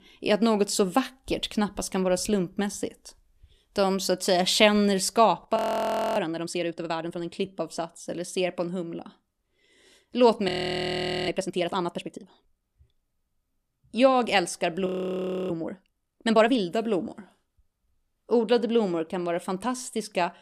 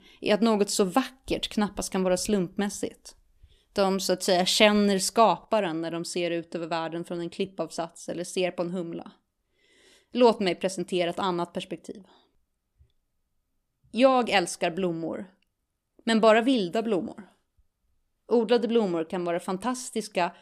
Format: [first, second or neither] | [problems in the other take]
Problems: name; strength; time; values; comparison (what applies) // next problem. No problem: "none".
second | audio freezing; at 5.5 s for 0.5 s, at 10 s for 1 s and at 15 s for 0.5 s